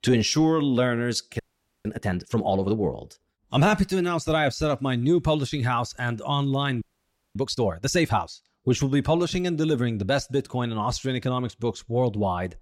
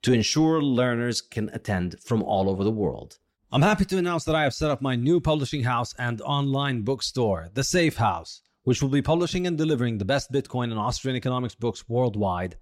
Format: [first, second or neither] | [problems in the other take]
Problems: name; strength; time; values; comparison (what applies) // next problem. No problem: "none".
second | audio freezing; at 1.5 s and at 7 s for 0.5 s